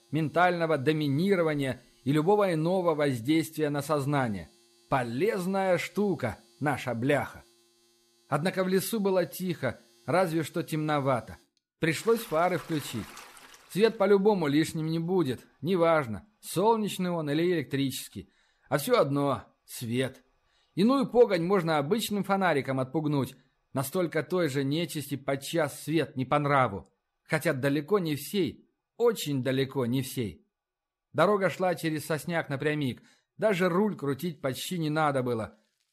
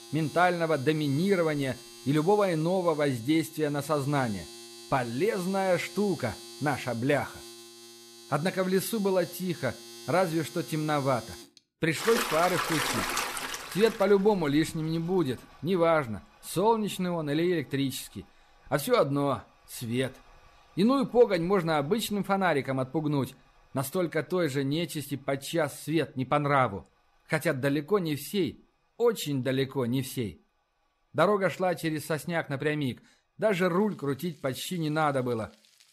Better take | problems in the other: first | household noises; loud; throughout; 10 dB below the speech; faint in the first

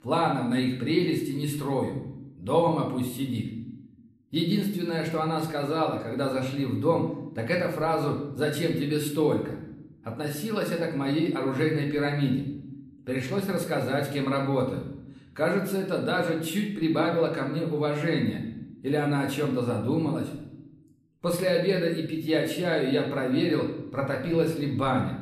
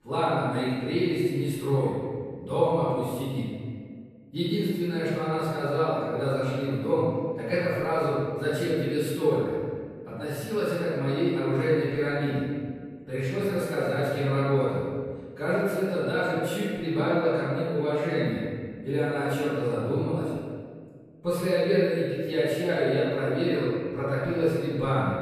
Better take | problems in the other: first | room echo; strong; dies away in 1.7 s; slight in the first // off-mic speech; far; somewhat distant in the first

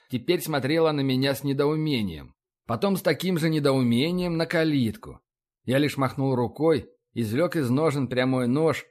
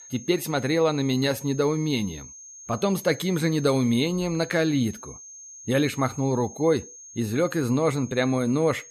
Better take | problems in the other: first | high-pitched whine; noticeable; throughout; 6.5 kHz, 15 dB below the speech

